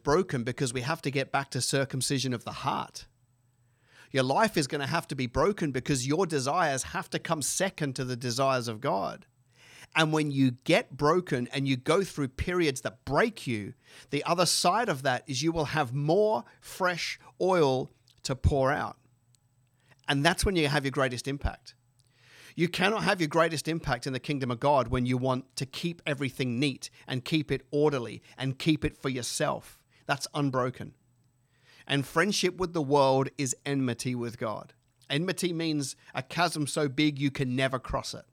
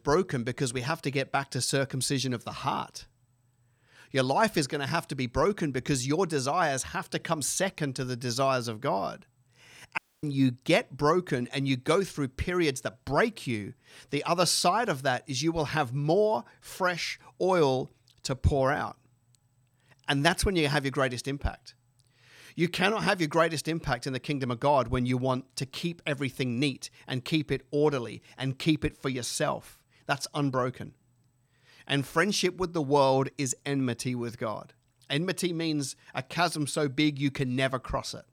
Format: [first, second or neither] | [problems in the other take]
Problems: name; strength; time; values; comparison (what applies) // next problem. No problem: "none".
first | audio cutting out; at 10 s